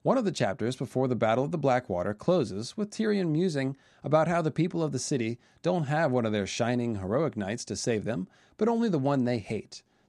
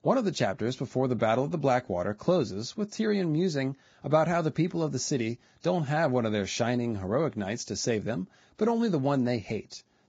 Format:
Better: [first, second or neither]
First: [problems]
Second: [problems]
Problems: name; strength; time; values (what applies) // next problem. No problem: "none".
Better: first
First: none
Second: garbled, watery; badly